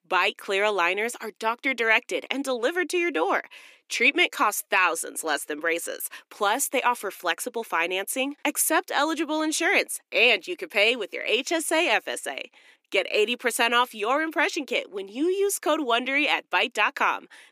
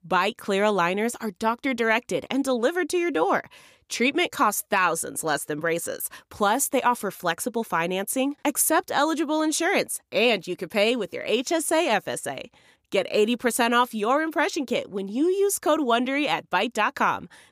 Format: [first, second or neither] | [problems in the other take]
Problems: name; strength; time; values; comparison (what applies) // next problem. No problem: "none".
second | thin; very slightly; fading below 300 Hz